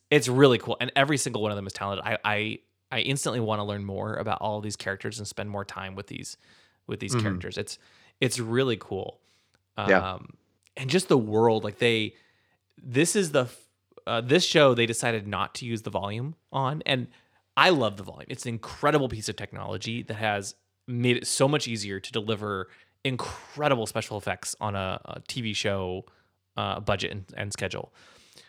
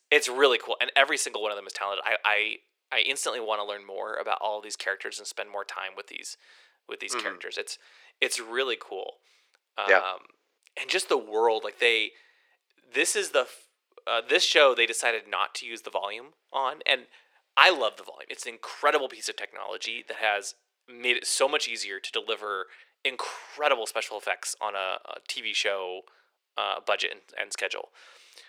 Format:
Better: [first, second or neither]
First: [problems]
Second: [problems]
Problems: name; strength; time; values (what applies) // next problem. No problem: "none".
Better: first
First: none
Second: thin; very; fading below 450 Hz